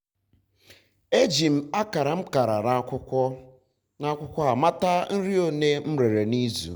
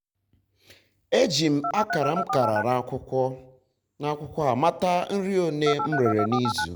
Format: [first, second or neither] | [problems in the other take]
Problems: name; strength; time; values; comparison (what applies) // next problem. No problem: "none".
first | background sound (Telephone); 3 dB below the speech